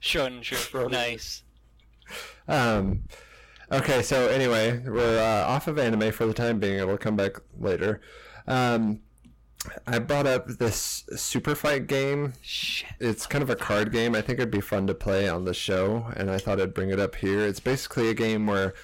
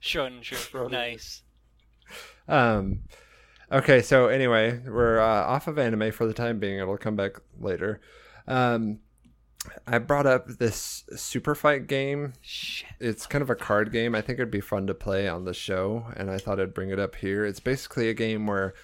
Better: second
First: distortion; heavy; 14% of the sound clipped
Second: none

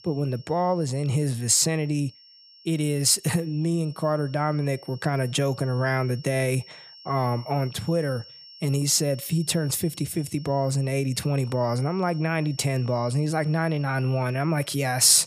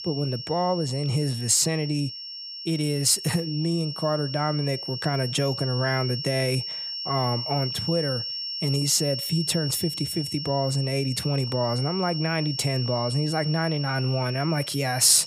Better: first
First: high-pitched whine; faint; throughout; 5.5 kHz, 20 dB below the speech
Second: high-pitched whine; loud; throughout; 5.5 kHz, 6 dB below the speech

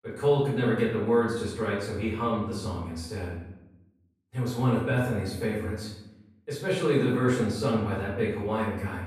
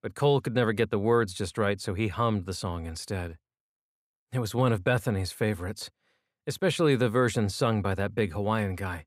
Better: second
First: off-mic speech; far // room echo; noticeable; dies away in 0.7 s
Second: none

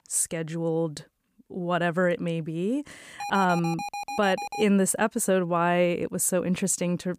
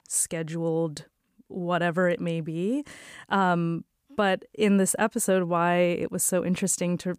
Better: second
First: alarm; noticeable; from 3 to 4.5 s; peak 7 dB below the speech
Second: none

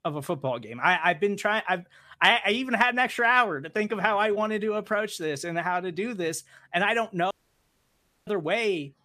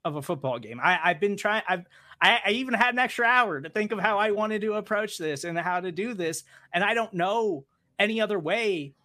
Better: second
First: audio cutting out; at 7.5 s for 1 s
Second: none

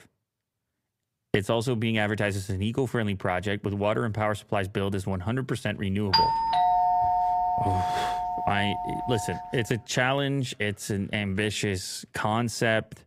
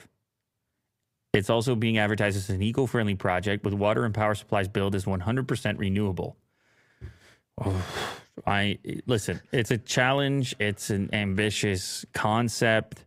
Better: second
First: doorbell; loud; from 6 to 9.5 s; peak 6 dB above the speech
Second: none

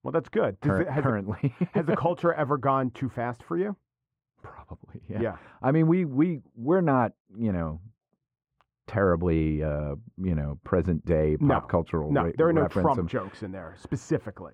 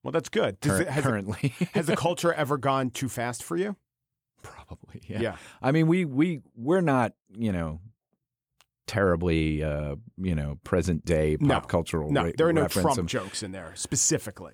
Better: second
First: muffled; very; fading above 3.5 kHz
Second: none

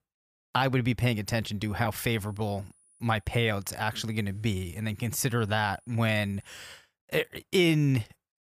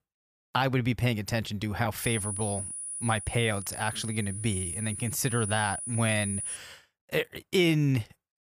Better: first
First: high-pitched whine; faint; from 2 to 6.5 s; 10 kHz, 30 dB below the speech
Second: high-pitched whine; loud; from 2 to 6.5 s; 10 kHz, 5 dB below the speech

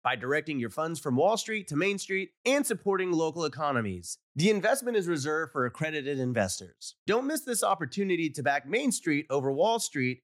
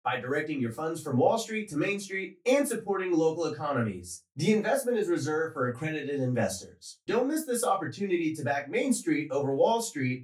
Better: first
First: none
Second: off-mic speech; far // room echo; very slight; dies away in 0.2 s

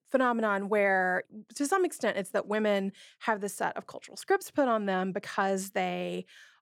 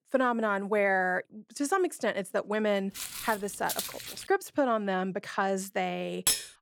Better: first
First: none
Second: footsteps; noticeable; from 3 to 4 s; peak 4 dB below the speech // clattering dishes; loud; at 6.5 s; peak 3 dB above the speech

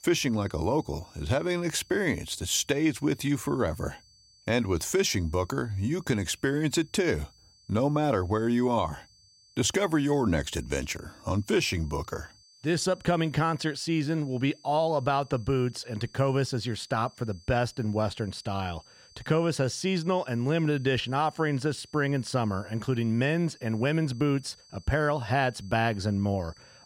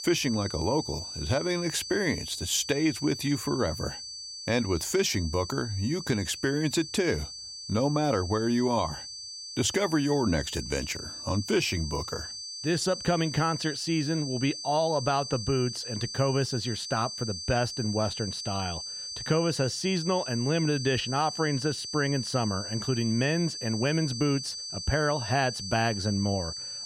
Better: first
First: high-pitched whine; faint; throughout; 4.5 kHz, 25 dB below the speech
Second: high-pitched whine; loud; throughout; 4.5 kHz, 7 dB below the speech

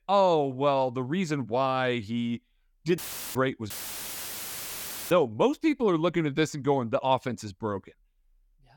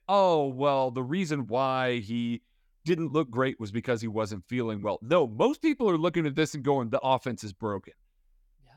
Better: second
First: audio cutting out; filled with static; at 3 s and at 3.5 s for 1.5 s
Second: none

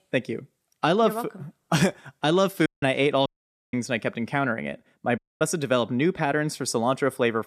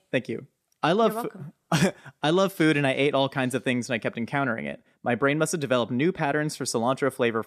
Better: second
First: audio cutting out; at 2.5 s, at 3.5 s and at 5 s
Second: none

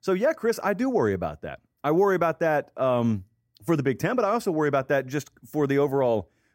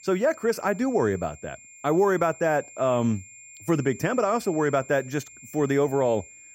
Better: first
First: none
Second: high-pitched whine; noticeable; throughout; 7.5 kHz, 20 dB below the speech

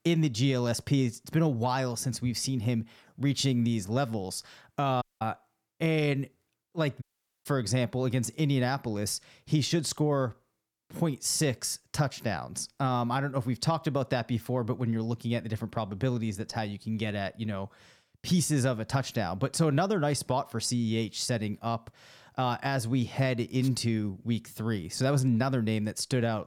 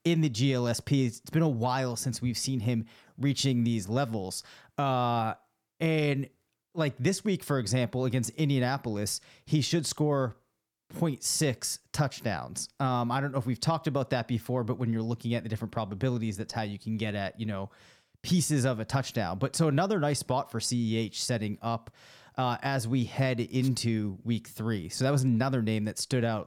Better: second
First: audio cutting out; at 5 s and at 7 s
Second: none

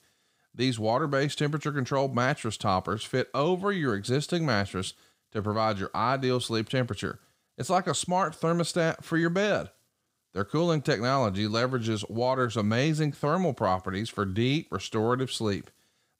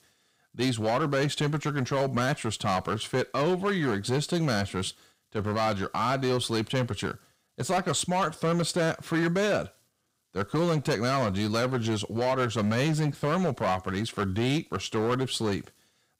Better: first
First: none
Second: distortion; slight; 10% of the sound clipped

